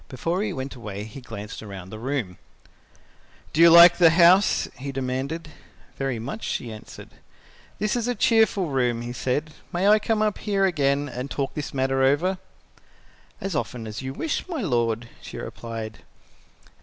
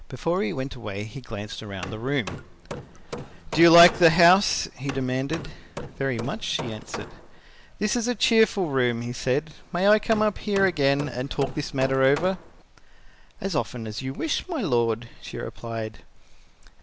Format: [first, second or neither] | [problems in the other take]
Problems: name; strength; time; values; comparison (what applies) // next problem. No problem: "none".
first | background sound (Hammer); 13 dB below the speech